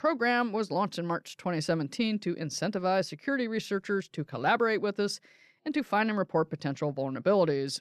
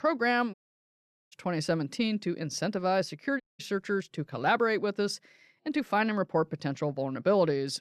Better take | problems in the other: first | audio cutting out; at 0.5 s for 1 s and at 3.5 s

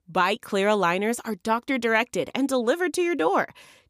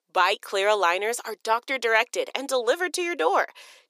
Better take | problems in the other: first | thin; very; fading below 400 Hz

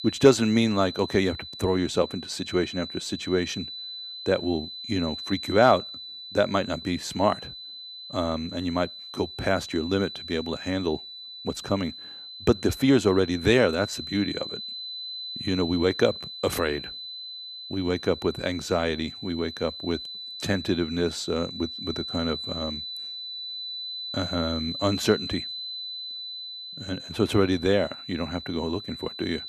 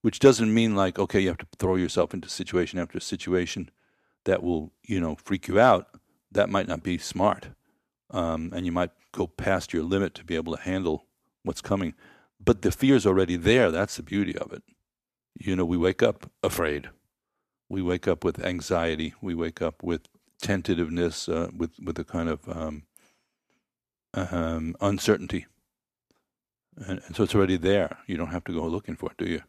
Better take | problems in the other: second | high-pitched whine; loud; throughout; 4 kHz, 9 dB below the speech

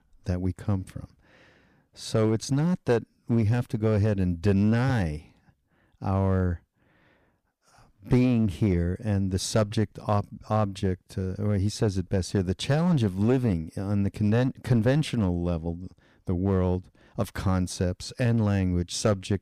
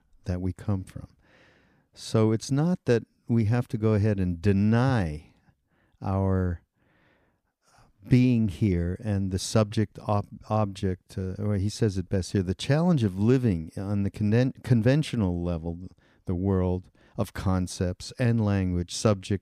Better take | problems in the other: second | distortion; slight; 5% of the sound clipped

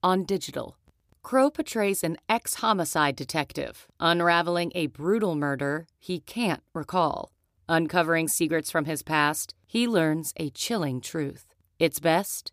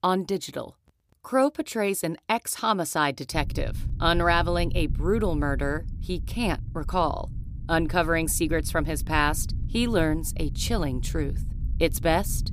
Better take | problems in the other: first | low rumble; faint; from 3.5 s on; 20 dB below the speech

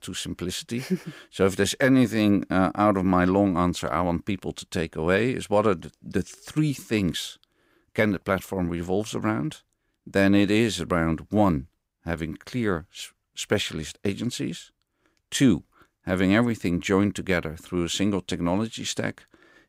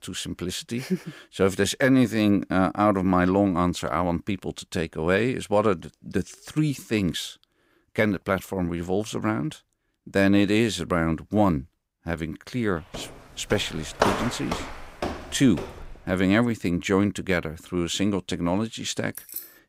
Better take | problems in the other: first | footsteps; loud; from 13 to 16 s; peak level with the speech // jangling keys; faint; at 19 s; peak 10 dB below the speech

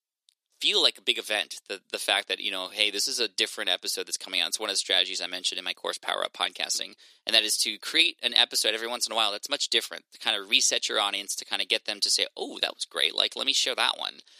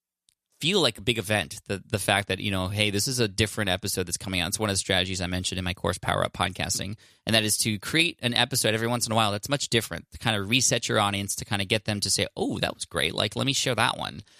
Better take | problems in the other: second | thin; very; fading below 300 Hz

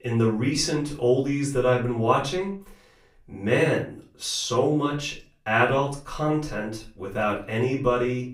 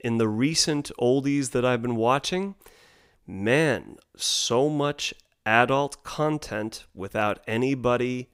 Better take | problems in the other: second | off-mic speech; far // room echo; slight; dies away in 0.3 s

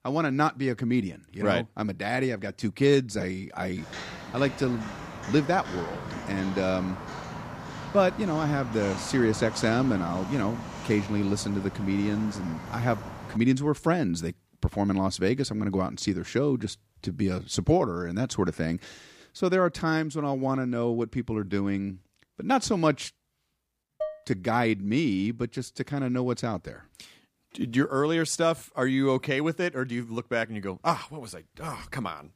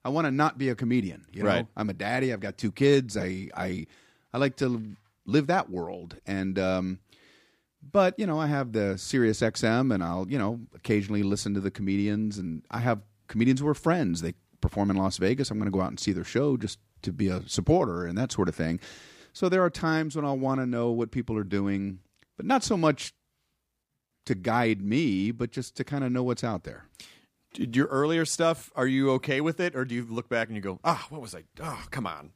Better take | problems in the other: second | footsteps; noticeable; from 4 to 13 s; peak 8 dB below the speech // clattering dishes; noticeable; at 24 s; peak 8 dB below the speech

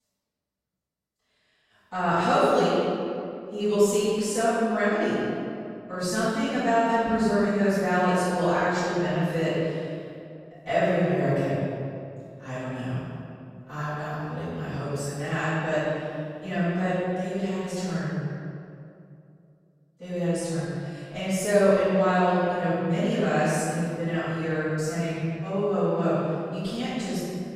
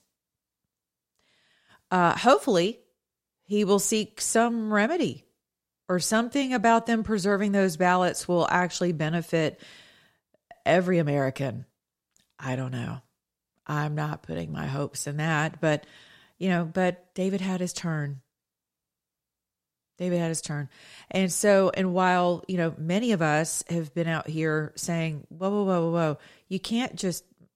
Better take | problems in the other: second | room echo; strong; dies away in 2.2 s // off-mic speech; far

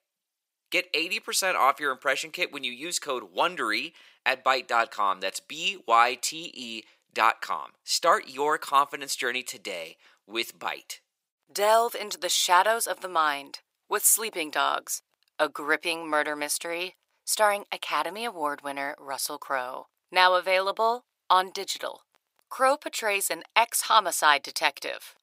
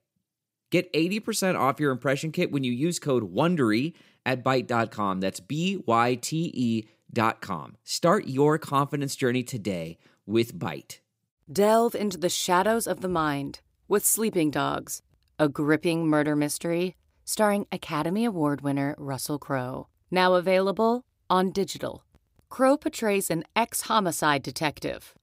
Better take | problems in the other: second | thin; very; fading below 850 Hz

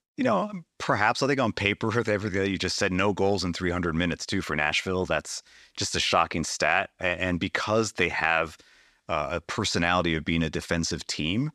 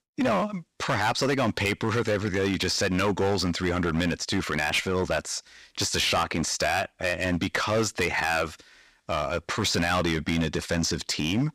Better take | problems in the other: first | distortion; heavy; 11% of the sound clipped

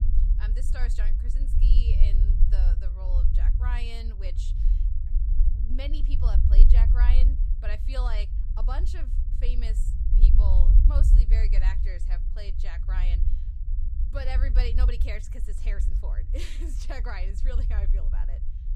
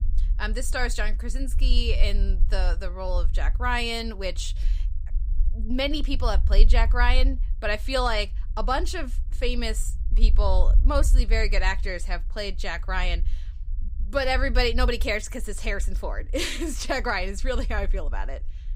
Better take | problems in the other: second | low rumble; loud; throughout; 6 dB below the speech; faint in the second

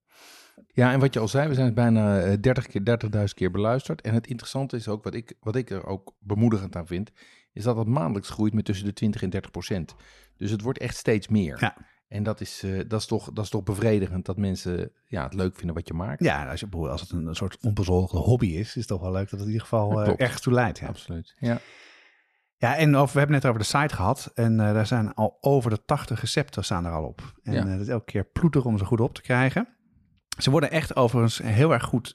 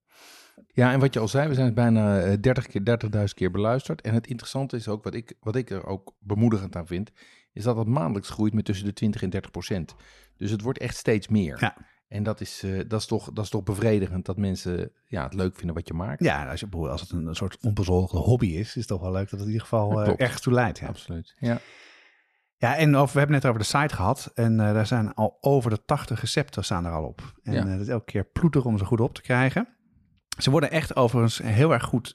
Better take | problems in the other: neither | none

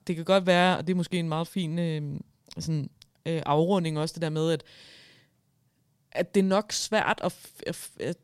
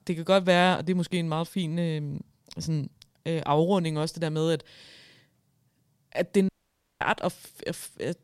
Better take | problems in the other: first | audio cutting out; at 6.5 s for 0.5 s

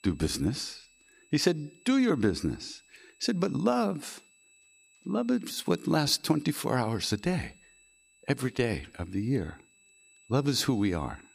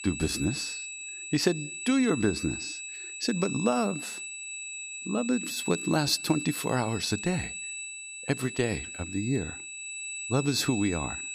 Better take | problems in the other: first | high-pitched whine; loud; throughout; 2.5 kHz, 7 dB below the speech; faint in the first

